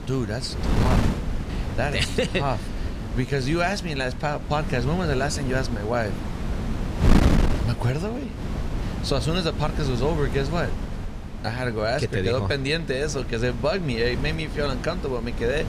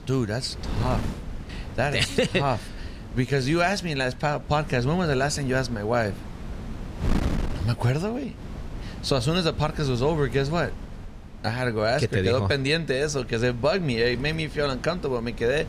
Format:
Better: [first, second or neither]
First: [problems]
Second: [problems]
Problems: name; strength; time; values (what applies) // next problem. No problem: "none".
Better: second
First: wind noise on the microphone; heavy; 8 dB below the speech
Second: wind noise on the microphone; occasional gusts; 15 dB below the speech